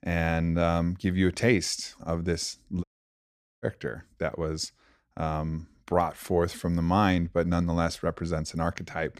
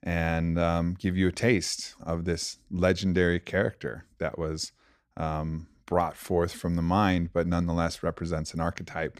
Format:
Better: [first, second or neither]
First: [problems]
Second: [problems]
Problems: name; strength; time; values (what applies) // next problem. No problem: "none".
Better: second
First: audio cutting out; at 3 s for 1 s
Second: none